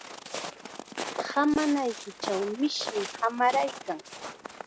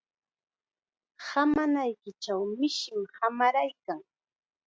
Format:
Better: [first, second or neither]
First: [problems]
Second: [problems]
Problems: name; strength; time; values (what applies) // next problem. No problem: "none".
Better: second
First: background sound (Walk, footsteps); 9 dB below the speech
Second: none